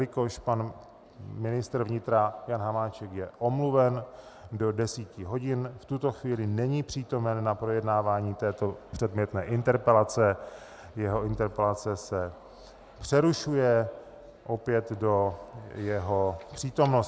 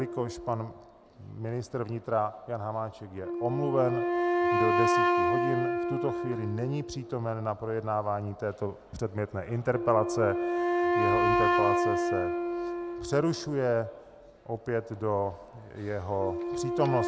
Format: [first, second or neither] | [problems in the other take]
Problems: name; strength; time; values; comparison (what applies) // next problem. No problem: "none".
first | background sound (Wind instrument, woodwind instrument); 1 dB above the speech